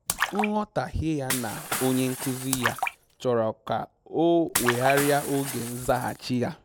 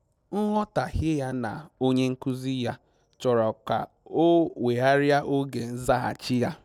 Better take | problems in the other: second | background sound (Shatter / Crushing + Splash, splatter); 6 dB below the speech

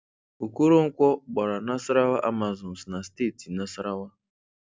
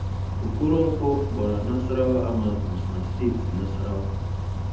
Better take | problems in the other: first | background sound (Bus); as loud as the speech // room echo; dies away in 0.8 s

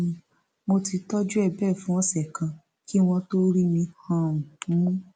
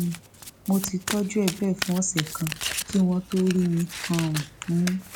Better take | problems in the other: first | background sound (Domestic sounds, home sounds); 9 dB below the speech

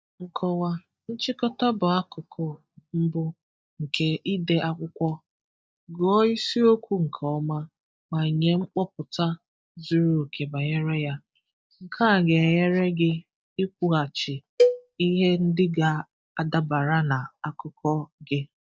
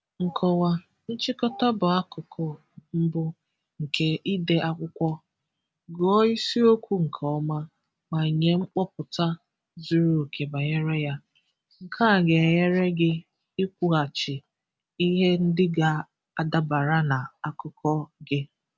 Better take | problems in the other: second | noise reduction (neural mask model DeepFilterNet 3)

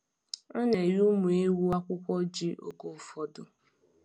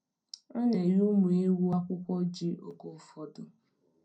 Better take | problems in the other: first | room echo; dies away in 0.2 s

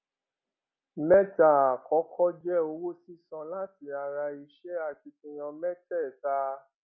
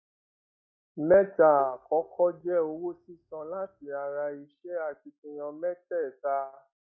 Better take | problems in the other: first | noise reduction (neural mask model DeepFilterNet 3)

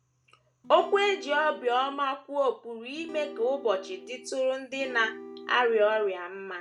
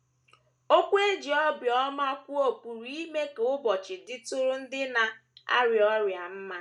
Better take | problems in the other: second | background sound (Acoustic guitar / Strum); 15 dB below the speech

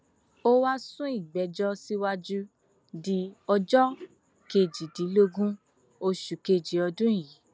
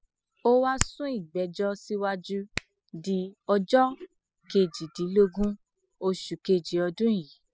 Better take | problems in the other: first | noise reduction (classical method spectral subtraction)

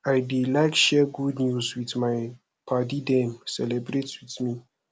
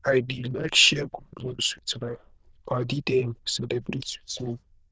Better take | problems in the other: first | noise reduction (neural diffusion model UNIVERSE++)

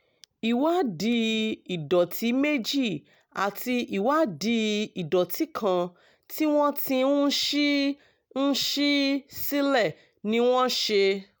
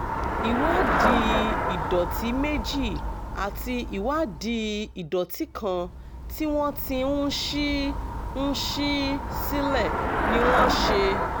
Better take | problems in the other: first | background sound (Traffic noise, roadway noise / Bicycle); 1 dB above the speech

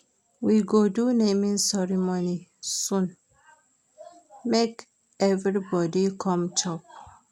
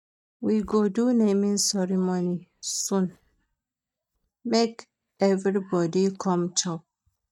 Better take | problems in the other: first | noise reduction (neural mask model DeepFilterNet 3)

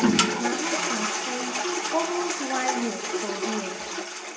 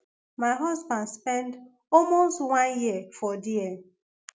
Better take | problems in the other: second | background sound (Toilet flush); 5 dB above the speech // room echo; dies away in 0.9 s

